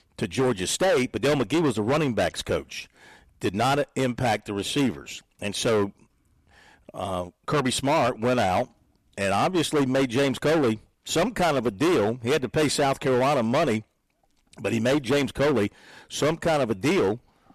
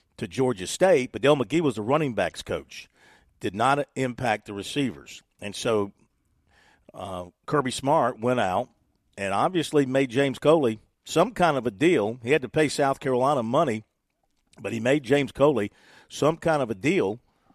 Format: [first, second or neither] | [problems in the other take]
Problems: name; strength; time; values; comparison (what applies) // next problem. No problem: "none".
second | distortion; heavy; 17% of the sound clipped